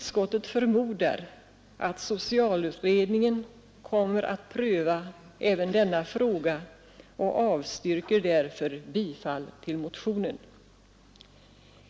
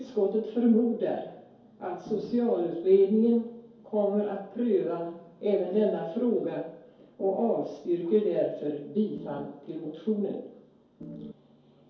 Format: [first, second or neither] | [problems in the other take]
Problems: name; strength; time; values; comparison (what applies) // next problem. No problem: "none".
first | background sound (Organ); 12 dB below the speech // room echo; dies away in 2.4 s